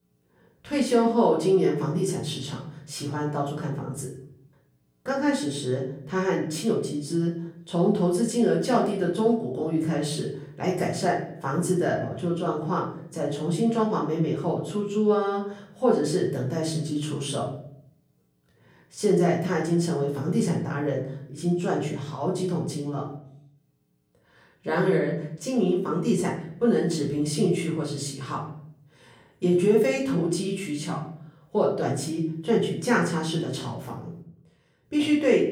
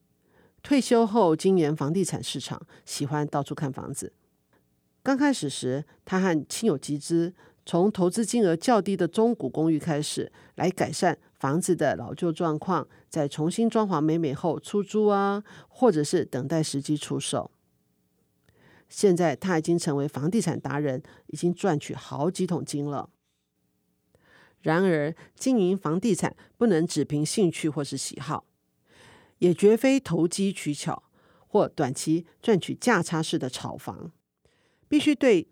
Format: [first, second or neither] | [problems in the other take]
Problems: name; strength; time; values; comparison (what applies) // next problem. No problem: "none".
second | off-mic speech; far // room echo; slight; dies away in 0.6 s